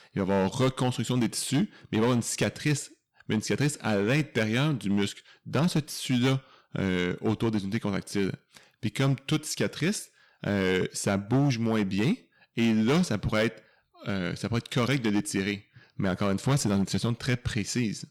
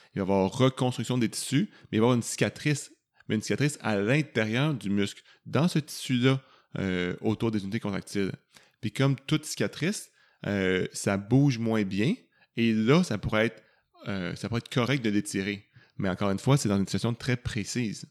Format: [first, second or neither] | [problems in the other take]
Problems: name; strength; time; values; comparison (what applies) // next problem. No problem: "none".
second | distortion; slight; 7% of the sound clipped